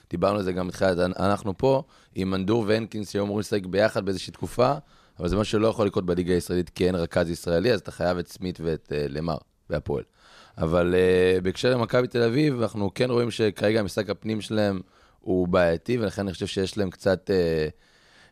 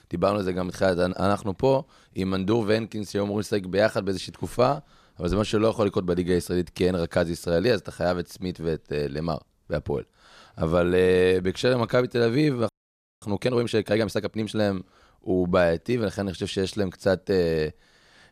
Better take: first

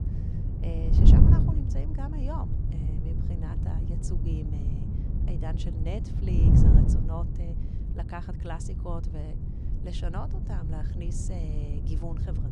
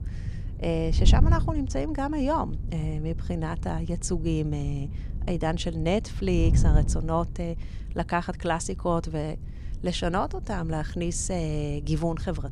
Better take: second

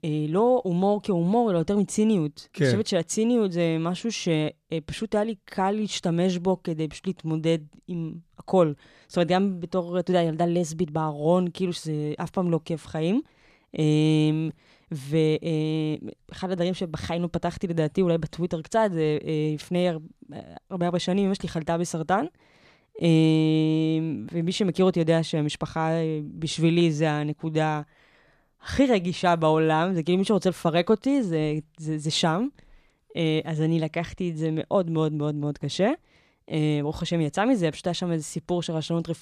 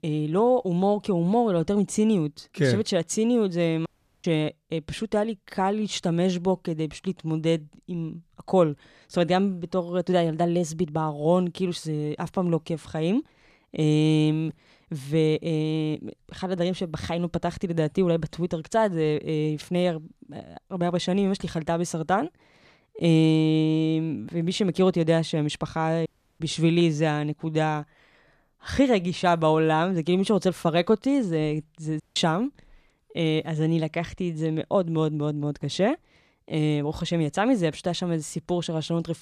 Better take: first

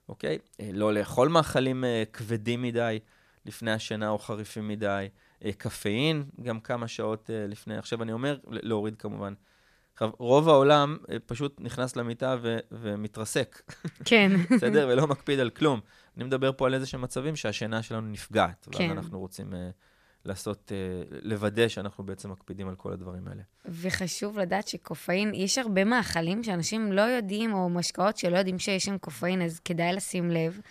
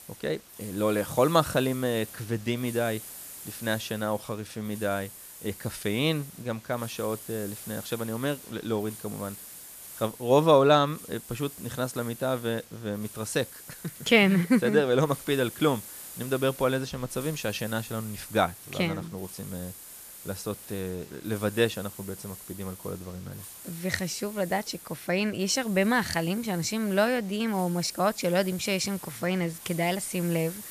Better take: first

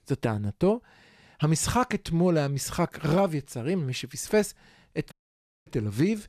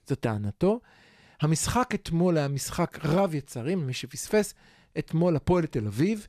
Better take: second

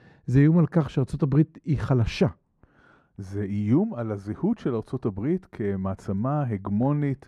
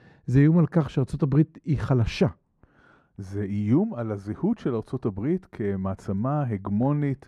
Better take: neither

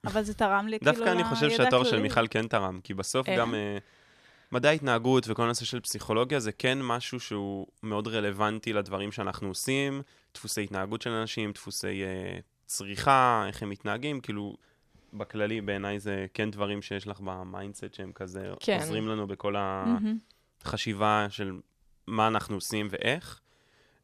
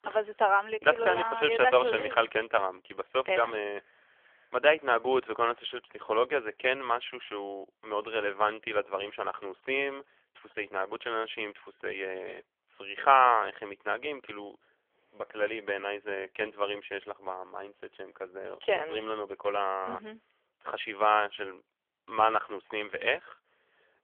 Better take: first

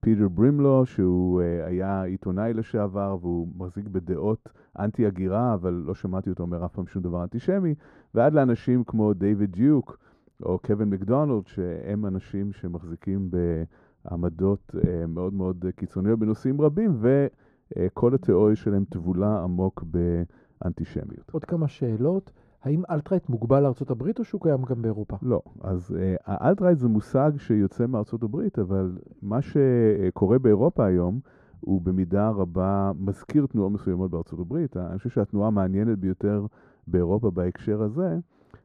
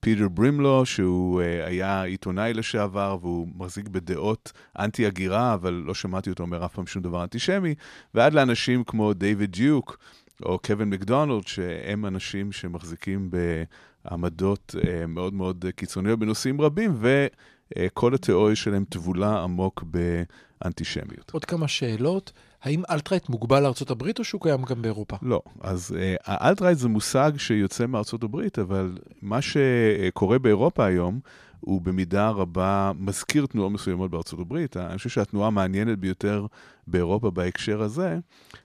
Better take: second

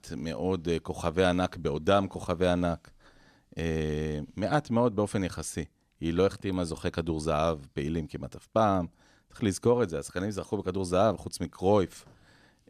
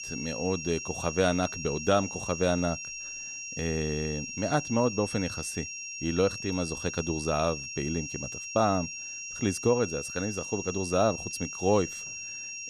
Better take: first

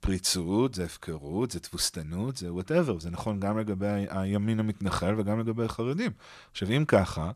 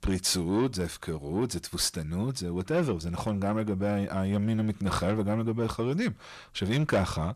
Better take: first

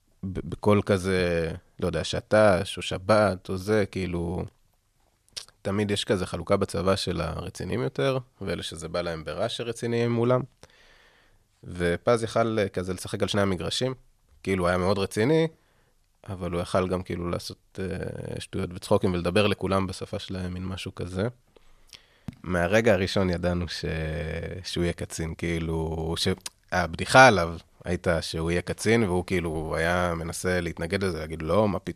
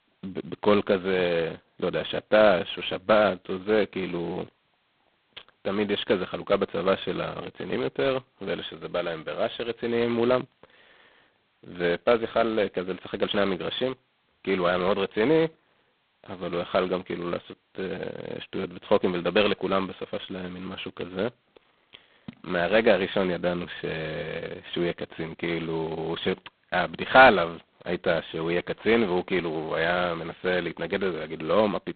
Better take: first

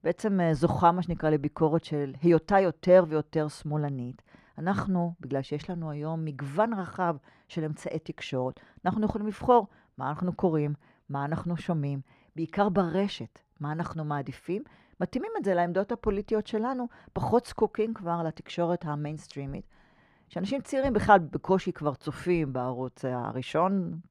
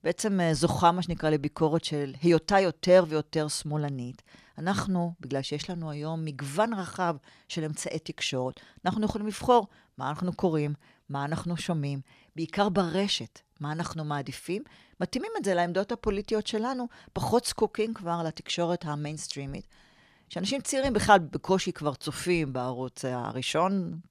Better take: second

